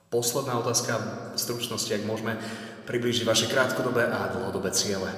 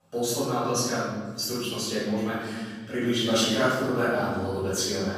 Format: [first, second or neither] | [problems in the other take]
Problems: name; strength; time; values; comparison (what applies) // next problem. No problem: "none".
first | room echo; strong; dies away in 1.7 s; slight in the first // off-mic speech; far